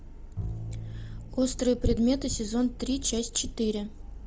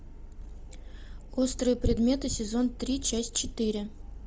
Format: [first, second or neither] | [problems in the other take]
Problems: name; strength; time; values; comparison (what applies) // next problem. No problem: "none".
second | background sound (Bowed string instrument); 12 dB below the speech